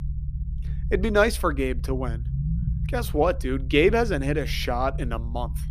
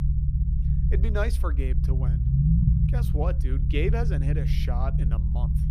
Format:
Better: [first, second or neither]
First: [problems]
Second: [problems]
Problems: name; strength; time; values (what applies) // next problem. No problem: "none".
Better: first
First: low rumble; faint; throughout; 20 dB below the speech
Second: low rumble; loud; throughout; 3 dB below the speech